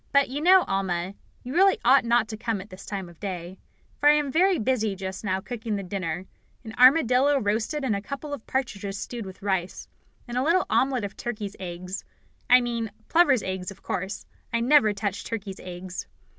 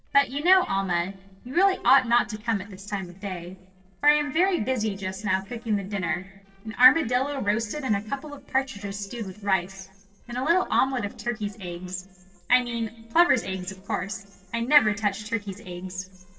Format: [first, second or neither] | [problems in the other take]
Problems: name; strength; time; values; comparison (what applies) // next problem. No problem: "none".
first | noise reduction (neural separator model SepFormer DNS4)